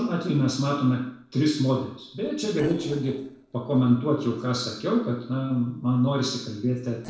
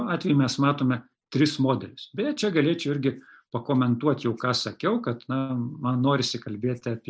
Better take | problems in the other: second | noise reduction (neural separator model SepFormer DNS4)

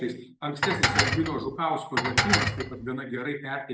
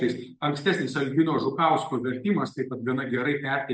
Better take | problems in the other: second | background sound (Dishes, pots, and pans); 4 dB above the speech

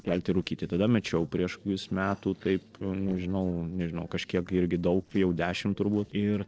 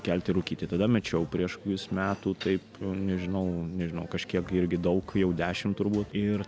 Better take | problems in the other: second | noise reduction (neural separator model SepFormer DNS4)

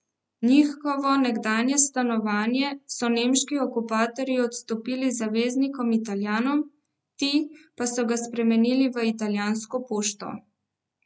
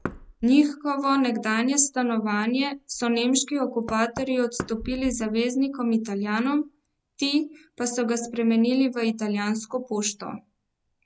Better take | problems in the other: first | background sound (Knock); 20 dB below the speech

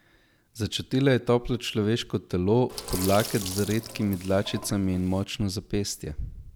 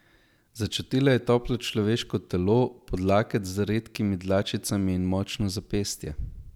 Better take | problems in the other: second | background sound (Sink (filling or washing)); 11 dB below the speech

